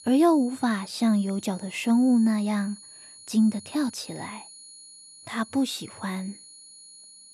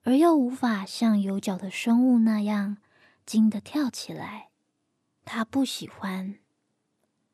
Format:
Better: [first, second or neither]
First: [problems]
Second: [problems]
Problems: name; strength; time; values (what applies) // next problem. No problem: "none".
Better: second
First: high-pitched whine; noticeable; throughout; 10.5 kHz, 20 dB below the speech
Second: none